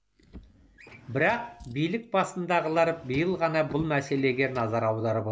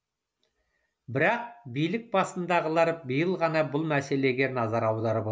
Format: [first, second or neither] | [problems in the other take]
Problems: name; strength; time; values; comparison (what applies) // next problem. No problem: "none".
second | background sound (Drawer open or close + Drawer open or close); 20 dB below the speech